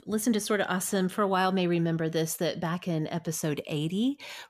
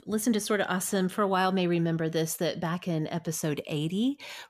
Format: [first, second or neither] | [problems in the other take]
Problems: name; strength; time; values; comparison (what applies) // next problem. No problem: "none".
neither | none